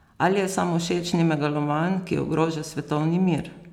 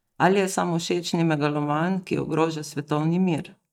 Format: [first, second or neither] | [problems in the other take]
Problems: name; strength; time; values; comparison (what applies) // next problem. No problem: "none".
first | noise reduction (neural mask model DeepFilterNet 3)